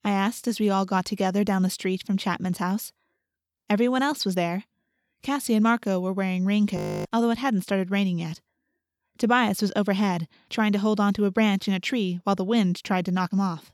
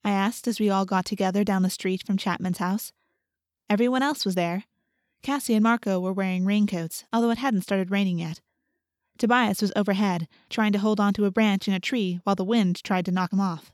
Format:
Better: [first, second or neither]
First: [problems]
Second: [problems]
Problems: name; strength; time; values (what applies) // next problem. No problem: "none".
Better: second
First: audio freezing; at 7 s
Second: none